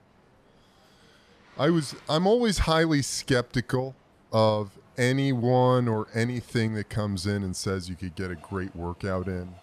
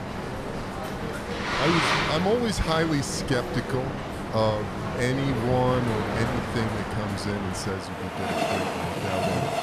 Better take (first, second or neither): first